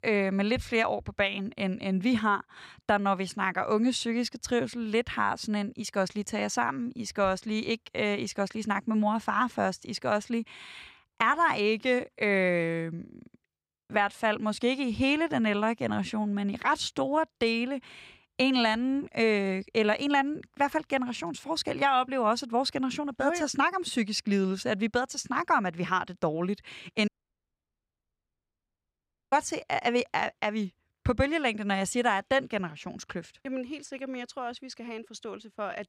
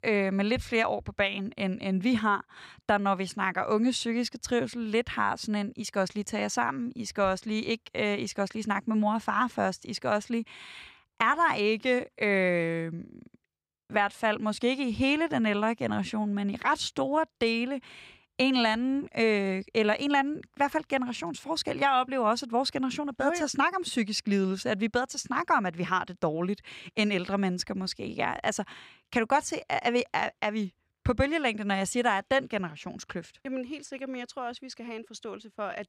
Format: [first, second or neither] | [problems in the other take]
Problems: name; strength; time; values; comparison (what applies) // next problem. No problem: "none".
second | audio cutting out; at 27 s for 2 s